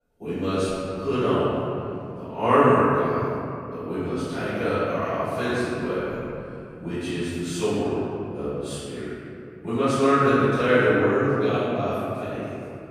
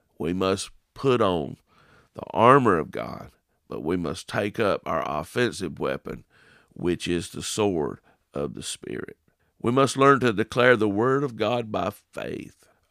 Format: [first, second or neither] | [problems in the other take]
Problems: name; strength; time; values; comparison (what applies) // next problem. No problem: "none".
second | off-mic speech; far // room echo; strong; dies away in 2.8 s